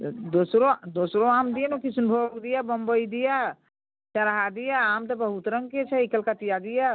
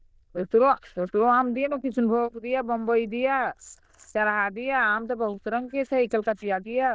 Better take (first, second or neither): first